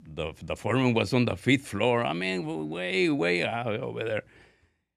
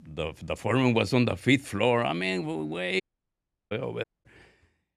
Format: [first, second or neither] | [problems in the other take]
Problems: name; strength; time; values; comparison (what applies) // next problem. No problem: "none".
first | audio cutting out; at 3 s for 0.5 s and at 4 s